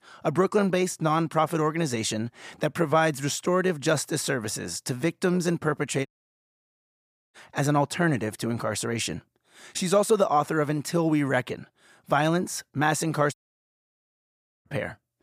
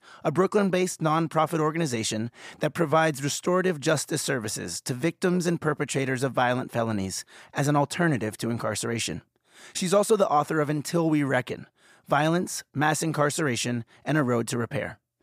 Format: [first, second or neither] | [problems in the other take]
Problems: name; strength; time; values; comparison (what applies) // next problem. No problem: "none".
second | audio cutting out; at 6 s for 1.5 s and at 13 s for 1.5 s